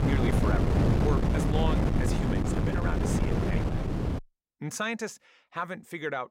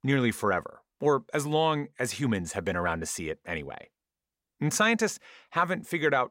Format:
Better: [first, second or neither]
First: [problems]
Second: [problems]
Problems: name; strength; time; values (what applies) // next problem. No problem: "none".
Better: second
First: wind noise on the microphone; heavy; until 4 s; 2 dB above the speech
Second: none